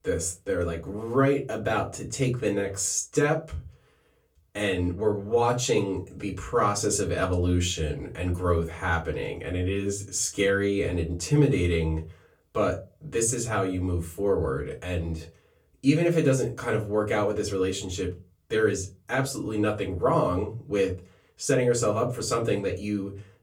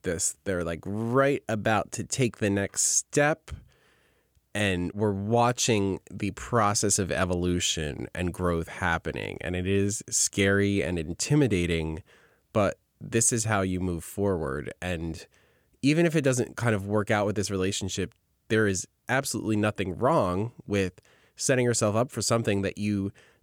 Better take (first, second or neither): second